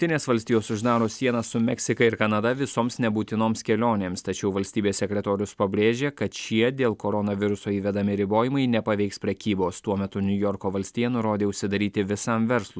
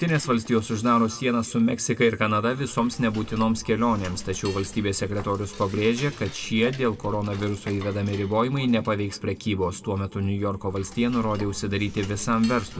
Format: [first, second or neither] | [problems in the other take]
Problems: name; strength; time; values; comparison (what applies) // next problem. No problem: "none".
first | background sound (Cutlery, silverware / Dishes, pots, and pans); 18 dB below the speech // room echo; dies away in 1.3 s